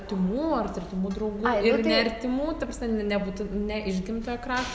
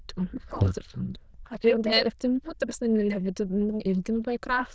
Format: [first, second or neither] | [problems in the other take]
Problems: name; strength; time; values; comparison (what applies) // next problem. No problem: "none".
first | noise reduction (neural diffusion model UNIVERSE++)